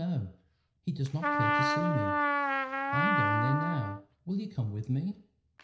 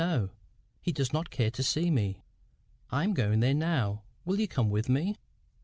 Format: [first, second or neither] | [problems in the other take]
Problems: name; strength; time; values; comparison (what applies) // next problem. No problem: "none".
second | background sound (Trumpet); 2 dB above the speech // room echo; dies away in 0.5 s